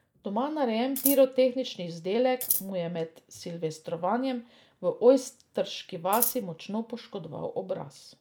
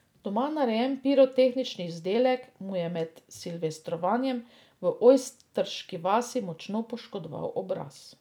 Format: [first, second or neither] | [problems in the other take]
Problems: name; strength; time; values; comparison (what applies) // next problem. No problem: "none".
second | noise reduction (neural mask model Resemble Enhance denoiser)